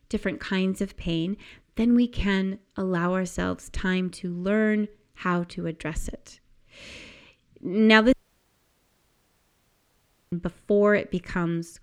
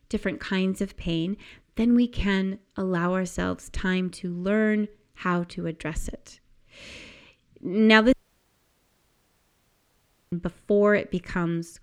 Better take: neither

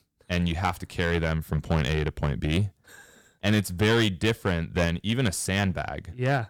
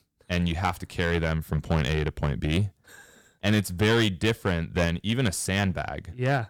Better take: neither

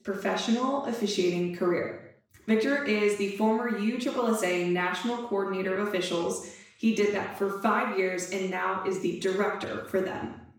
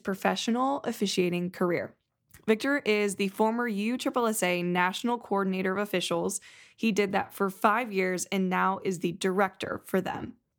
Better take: second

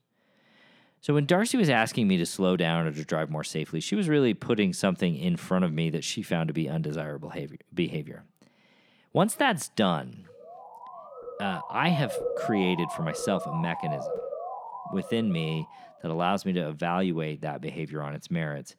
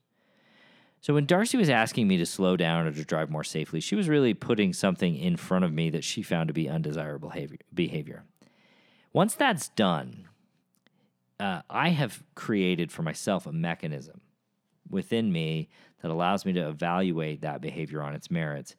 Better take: second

